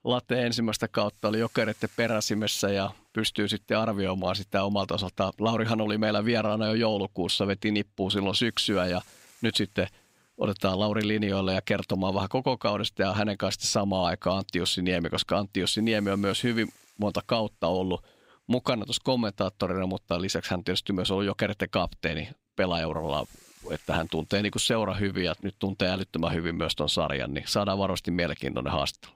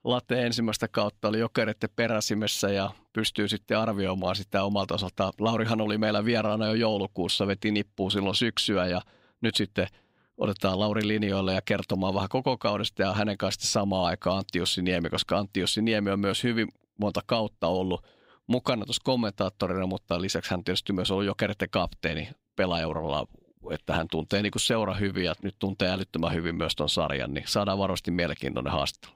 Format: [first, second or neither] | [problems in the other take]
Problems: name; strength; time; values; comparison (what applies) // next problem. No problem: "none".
second | hiss; faint; throughout; 30 dB below the speech